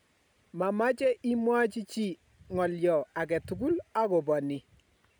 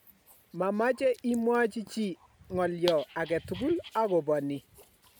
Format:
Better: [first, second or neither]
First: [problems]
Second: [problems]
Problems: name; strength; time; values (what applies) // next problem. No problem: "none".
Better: first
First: none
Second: background sound (Dog); 19 dB below the speech